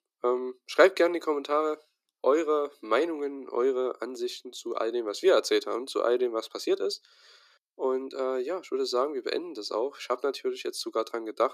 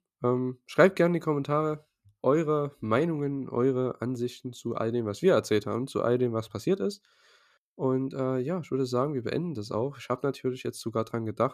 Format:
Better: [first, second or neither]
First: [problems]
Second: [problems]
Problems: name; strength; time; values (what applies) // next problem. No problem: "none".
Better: second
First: thin; somewhat; fading below 300 Hz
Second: none